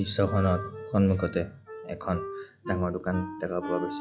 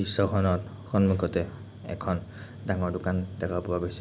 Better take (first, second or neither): second